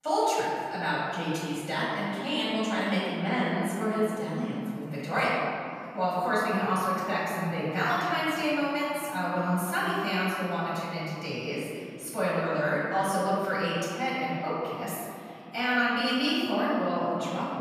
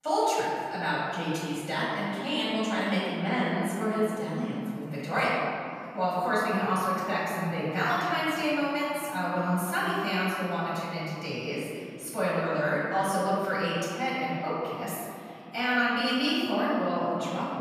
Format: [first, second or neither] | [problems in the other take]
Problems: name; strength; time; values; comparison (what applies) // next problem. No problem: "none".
neither | off-mic speech; far; the same in both // room echo; strong; dies away in 2.4 s; the same in both